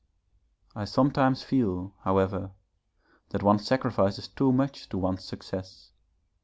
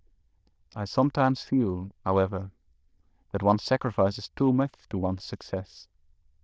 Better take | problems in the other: first | noise reduction (neural diffusion model UNIVERSE++)

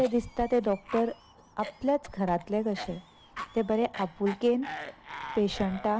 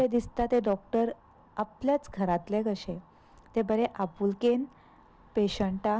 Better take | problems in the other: second | background sound (Cough); 14 dB below the speech

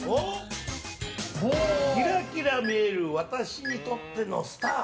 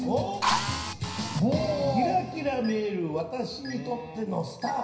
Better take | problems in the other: first | background sound (Drill); 1 dB below the speech // room echo; dies away in 0.9 s

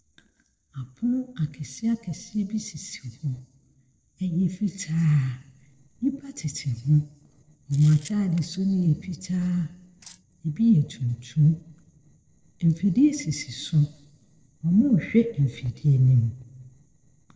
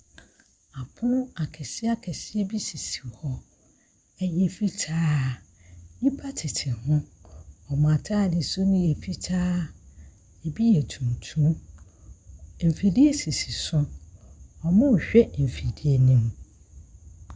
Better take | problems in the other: second | noise reduction (neural separator model SepFormer DNS4)

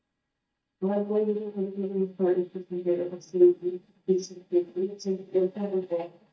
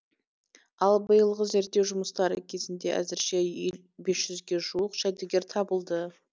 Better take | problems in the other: second | noise reduction (neural mask model DeepFilterNet 3)

